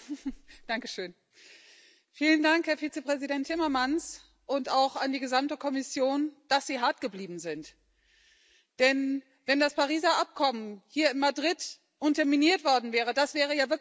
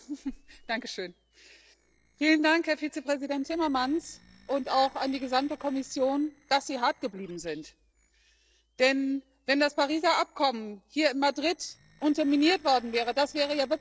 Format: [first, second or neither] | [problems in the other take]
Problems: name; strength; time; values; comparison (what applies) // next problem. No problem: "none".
first | noise reduction (neural separator model SepFormer DNS4)